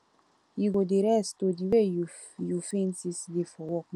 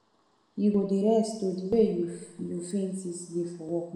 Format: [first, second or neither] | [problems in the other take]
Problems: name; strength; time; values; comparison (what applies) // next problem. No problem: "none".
first | room echo; dies away in 1 s